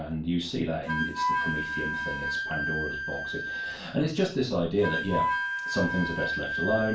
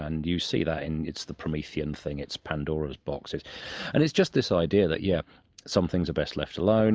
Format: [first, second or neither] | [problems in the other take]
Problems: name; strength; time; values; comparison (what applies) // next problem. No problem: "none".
second | background sound (Wind instrument, woodwind instrument); 2 dB below the speech // room echo; dies away in 0.3 s